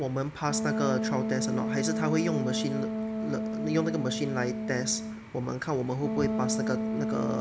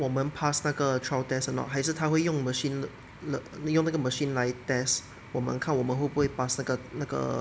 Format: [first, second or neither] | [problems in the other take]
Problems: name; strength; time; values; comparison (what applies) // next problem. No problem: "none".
second | background sound (Wind instrument, woodwind instrument); 1 dB below the speech